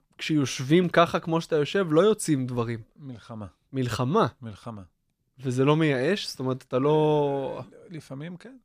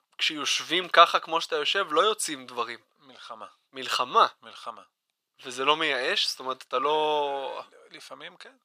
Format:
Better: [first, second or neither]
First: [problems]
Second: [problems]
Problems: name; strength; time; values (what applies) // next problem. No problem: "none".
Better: first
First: none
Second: thin; very; fading below 800 Hz